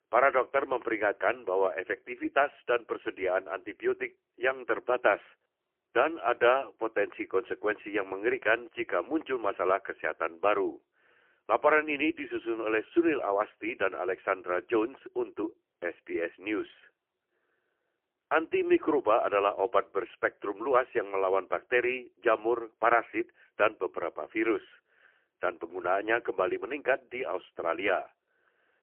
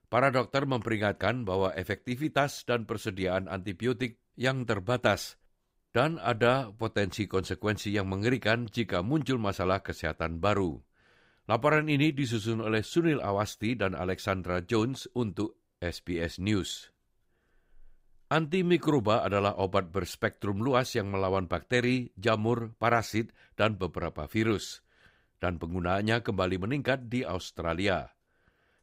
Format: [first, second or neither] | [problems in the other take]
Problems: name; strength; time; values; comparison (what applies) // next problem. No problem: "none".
second | phone-call audio; poor line; nothing above 3 kHz